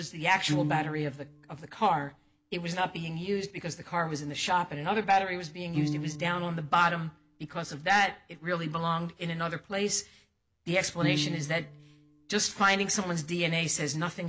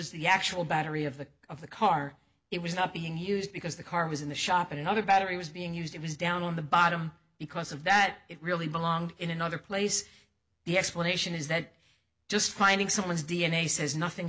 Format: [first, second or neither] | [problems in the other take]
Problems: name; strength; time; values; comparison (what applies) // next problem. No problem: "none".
second | background sound (Piano); 10 dB below the speech